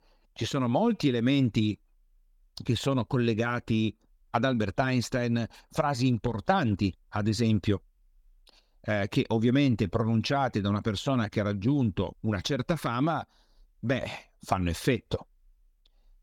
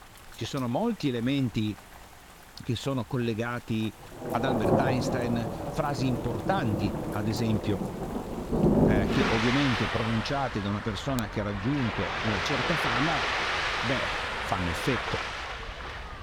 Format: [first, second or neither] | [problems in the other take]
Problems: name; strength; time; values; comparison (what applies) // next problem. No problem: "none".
first | rain or running water; very loud; throughout; 1 dB above the speech